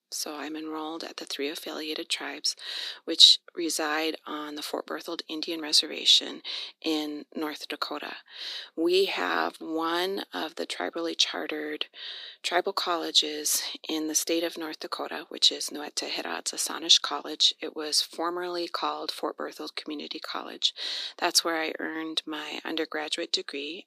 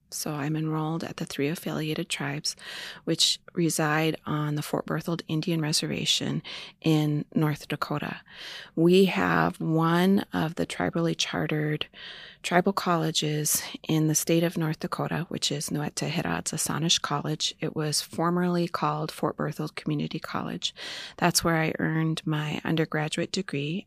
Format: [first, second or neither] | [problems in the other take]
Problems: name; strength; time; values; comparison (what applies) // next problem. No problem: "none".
second | thin; somewhat; fading below 300 Hz